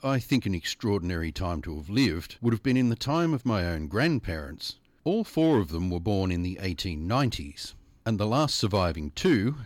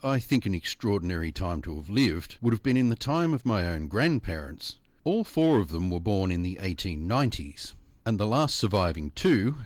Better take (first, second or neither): first